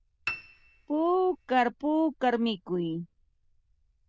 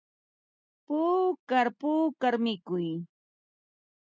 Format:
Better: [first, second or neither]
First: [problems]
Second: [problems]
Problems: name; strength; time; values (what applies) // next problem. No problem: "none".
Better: second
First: noise reduction (neural diffusion model UNIVERSE++)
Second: none